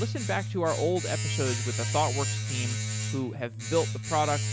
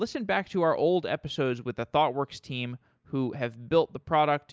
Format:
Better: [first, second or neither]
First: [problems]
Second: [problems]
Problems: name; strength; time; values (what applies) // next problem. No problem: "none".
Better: second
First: background sound (Domestic sounds, home sounds); as loud as the speech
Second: none